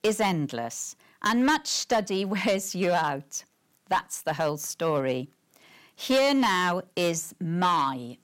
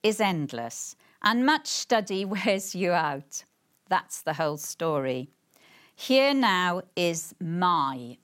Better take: second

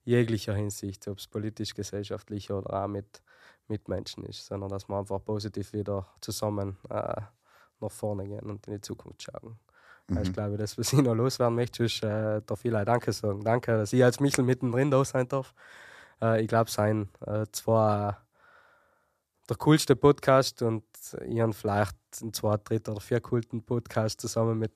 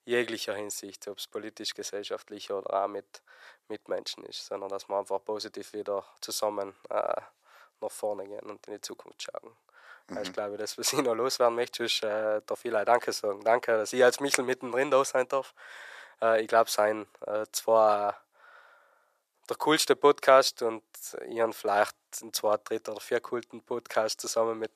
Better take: first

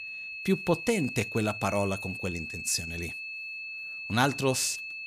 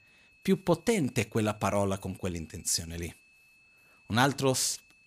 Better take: second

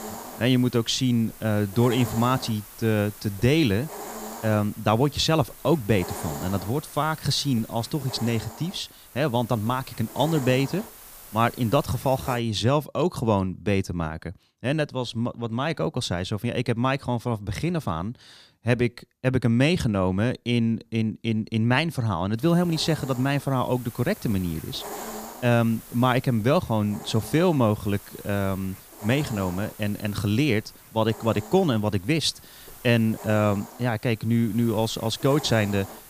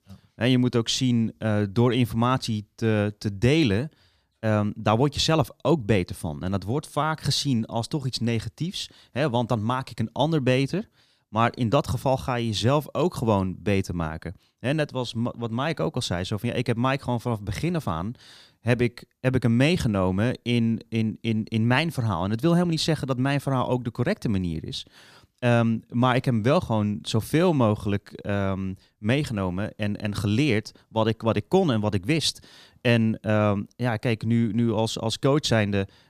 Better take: second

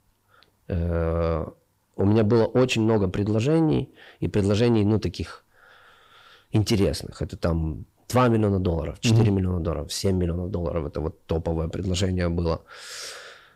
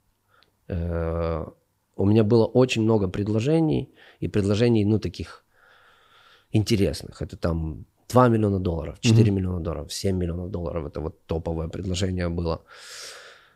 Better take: second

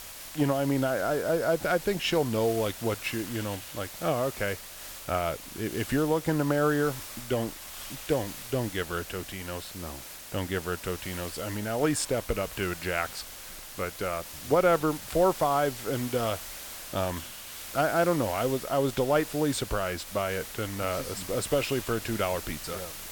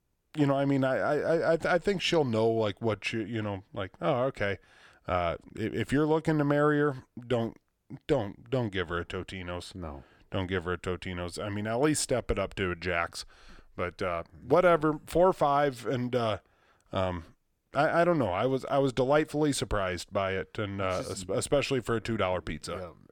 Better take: second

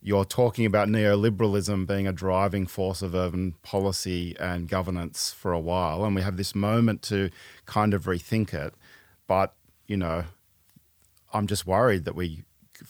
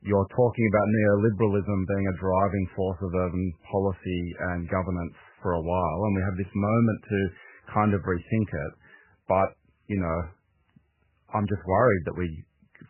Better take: first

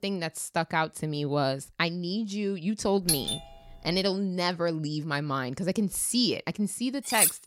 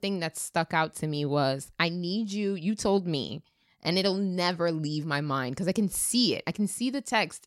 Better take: second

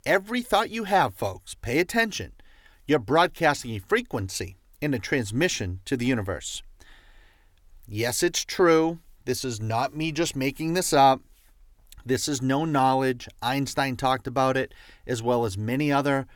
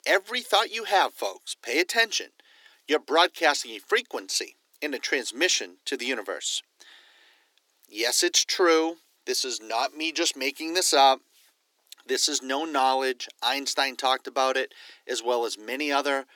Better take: first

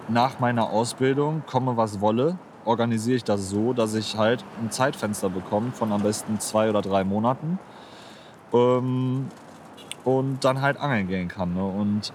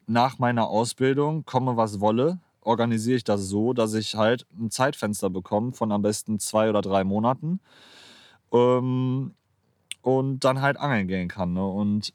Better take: second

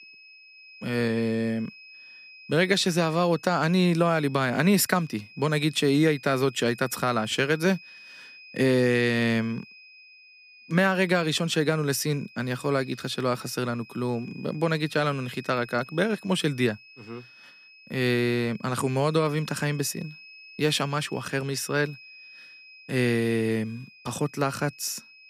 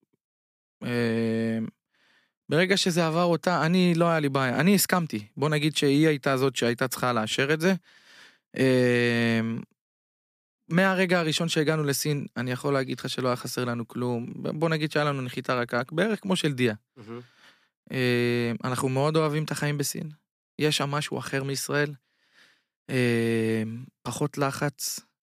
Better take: second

